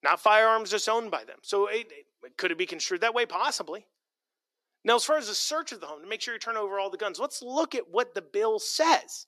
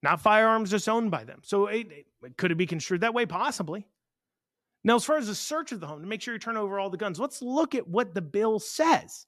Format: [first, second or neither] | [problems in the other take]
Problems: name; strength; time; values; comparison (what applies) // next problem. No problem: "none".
second | thin; very; fading below 350 Hz